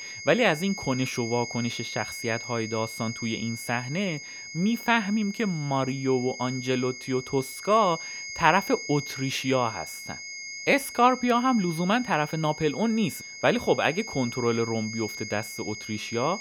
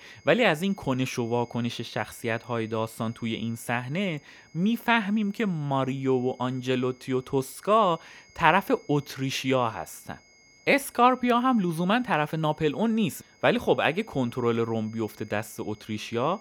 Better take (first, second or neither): second